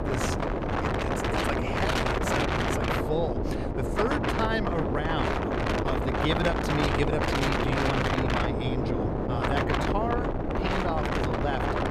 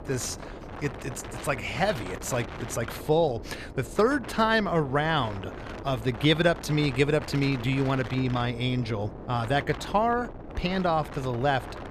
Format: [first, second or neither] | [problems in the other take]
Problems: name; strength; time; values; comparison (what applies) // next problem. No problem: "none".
second | wind noise on the microphone; heavy; 5 dB above the speech; occasional gusts in the second